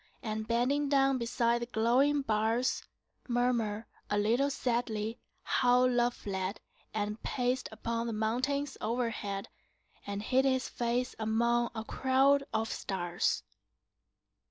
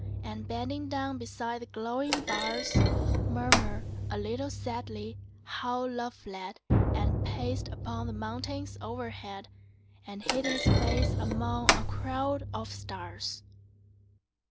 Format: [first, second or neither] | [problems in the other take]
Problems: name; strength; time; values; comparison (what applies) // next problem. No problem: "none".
first | background sound (Thump, thud + Drum); 4 dB above the speech